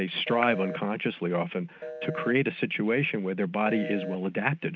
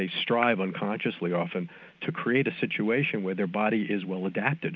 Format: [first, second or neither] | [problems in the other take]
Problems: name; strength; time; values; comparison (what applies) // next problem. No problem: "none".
second | noise reduction (neural mask model RNNoise)